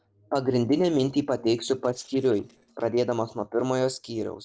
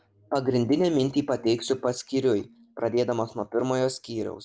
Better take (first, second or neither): second